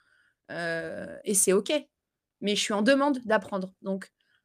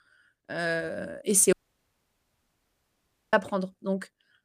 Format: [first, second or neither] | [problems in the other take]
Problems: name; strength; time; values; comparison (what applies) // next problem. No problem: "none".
first | audio cutting out; at 1.5 s for 2 s